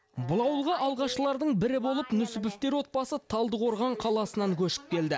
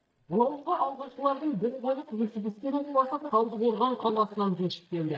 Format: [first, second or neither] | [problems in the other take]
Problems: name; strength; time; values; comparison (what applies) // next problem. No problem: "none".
first | noise reduction (neural mask model DeepFilterNet 3)